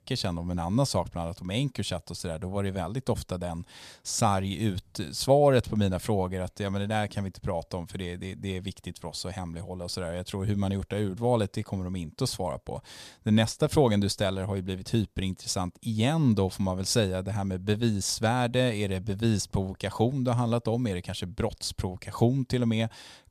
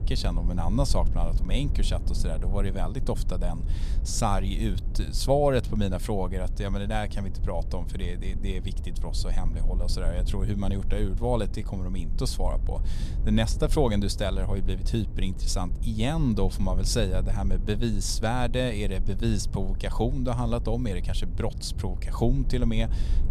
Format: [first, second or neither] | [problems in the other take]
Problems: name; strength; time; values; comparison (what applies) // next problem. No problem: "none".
first | low rumble; noticeable; throughout; 15 dB below the speech